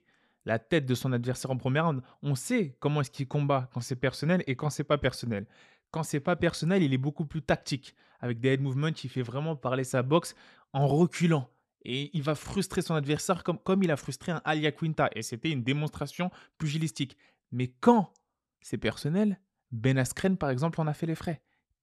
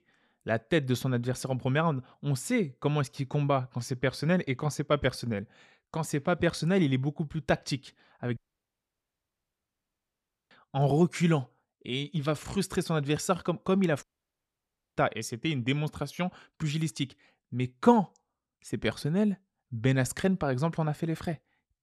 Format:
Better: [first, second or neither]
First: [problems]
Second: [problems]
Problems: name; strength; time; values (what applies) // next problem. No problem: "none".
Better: first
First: none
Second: audio cutting out; at 8.5 s for 2 s and at 14 s for 1 s